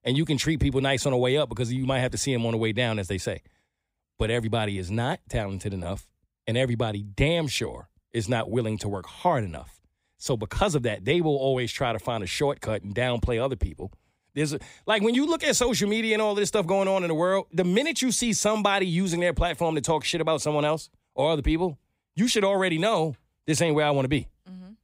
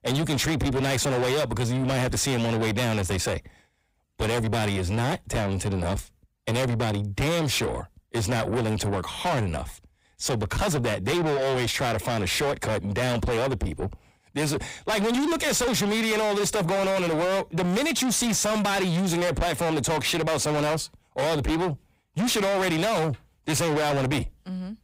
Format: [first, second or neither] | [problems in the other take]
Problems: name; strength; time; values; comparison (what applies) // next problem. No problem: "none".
first | distortion; heavy; 6 dB below the speech